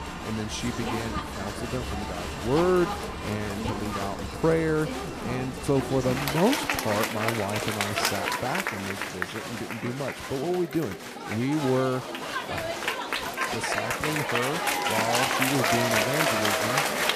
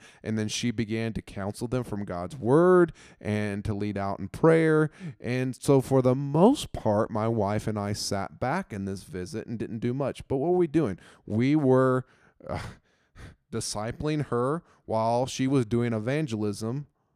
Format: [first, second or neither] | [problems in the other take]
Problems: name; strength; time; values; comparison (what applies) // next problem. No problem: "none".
second | crowd noise; very loud; throughout; 1 dB above the speech